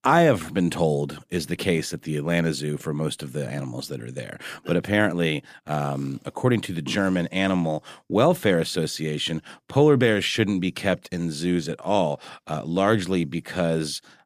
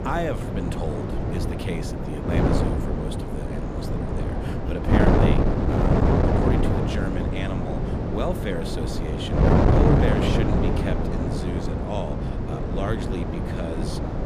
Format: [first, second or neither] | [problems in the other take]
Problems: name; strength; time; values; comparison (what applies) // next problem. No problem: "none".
first | wind noise on the microphone; heavy; 5 dB above the speech